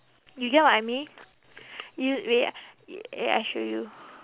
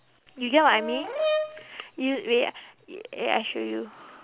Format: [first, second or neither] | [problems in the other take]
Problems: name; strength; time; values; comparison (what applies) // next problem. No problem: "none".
first | background sound (Brass instrument); 3 dB below the speech